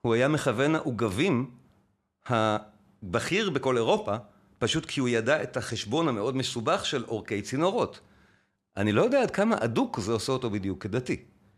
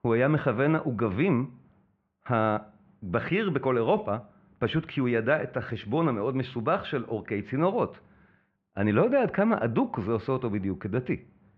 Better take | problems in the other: first | muffled; very; fading above 2.5 kHz

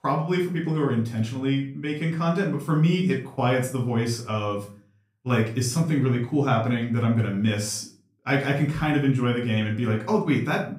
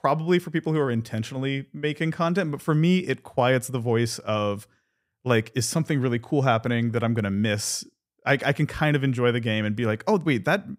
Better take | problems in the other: second | off-mic speech; far // room echo; slight; dies away in 0.4 s

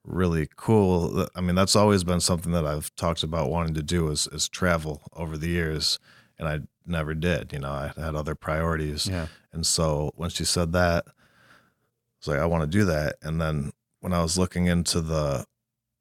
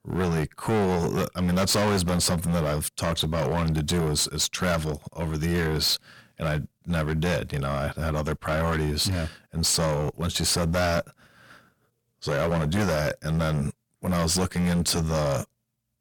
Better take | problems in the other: first | distortion; heavy; 16% of the sound clipped

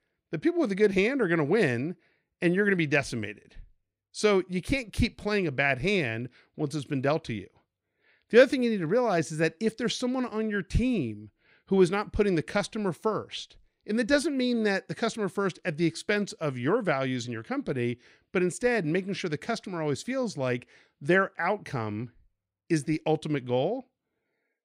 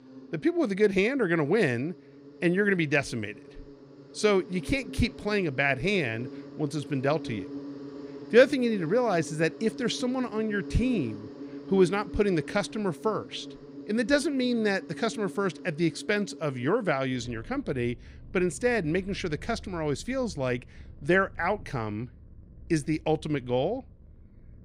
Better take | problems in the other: first | animal sounds; noticeable; throughout; 15 dB below the speech

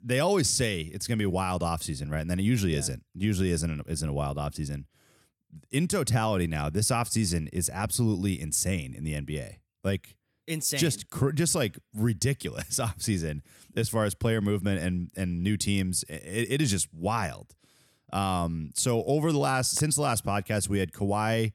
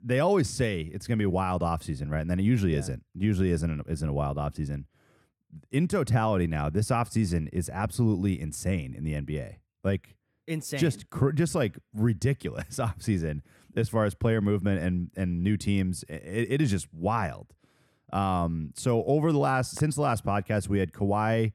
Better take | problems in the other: first | muffled; slightly; fading above 3 kHz

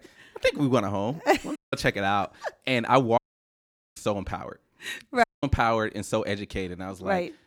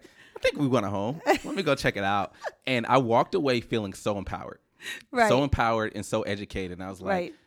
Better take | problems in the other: second | audio cutting out; at 1.5 s, at 3 s for 1 s and at 5 s

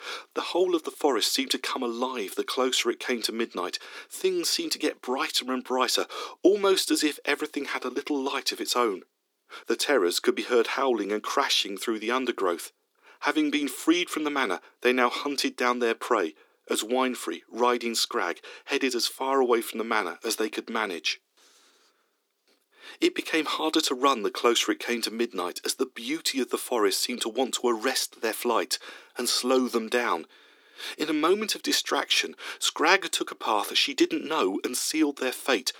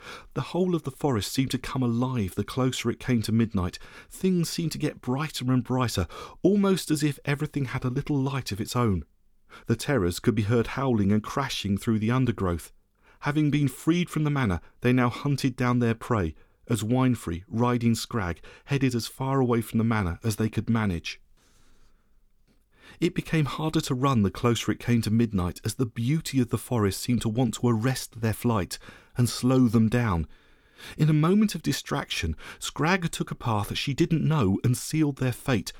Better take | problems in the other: second | thin; somewhat; fading below 300 Hz

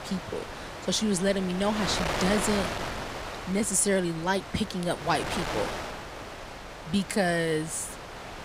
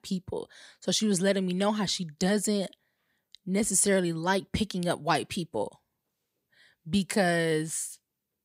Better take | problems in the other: second | wind noise on the microphone; heavy; 5 dB below the speech

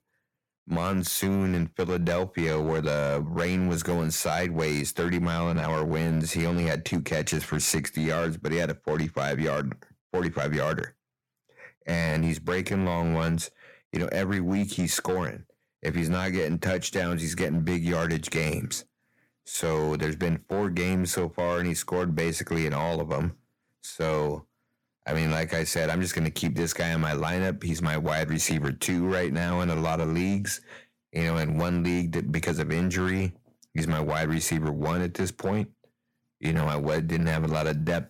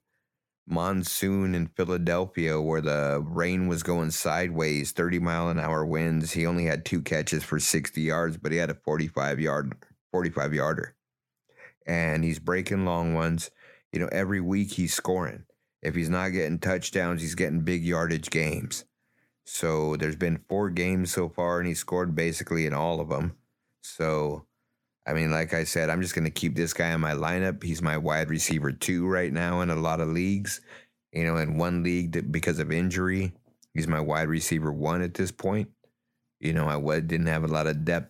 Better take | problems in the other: second | distortion; slight; 8% of the sound clipped

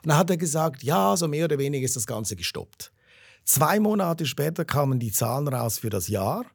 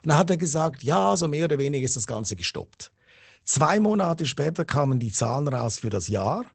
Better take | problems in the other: first | garbled, watery; badly; nothing above 8 kHz

